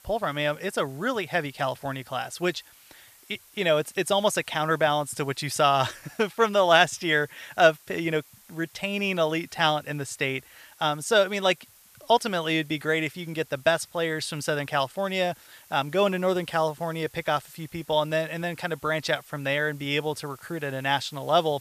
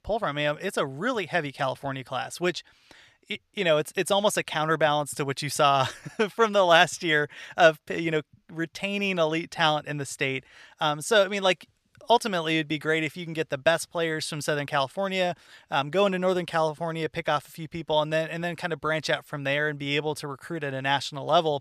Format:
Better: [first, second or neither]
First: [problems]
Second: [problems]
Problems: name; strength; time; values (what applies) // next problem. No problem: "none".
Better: second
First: hiss; faint; throughout; 25 dB below the speech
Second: none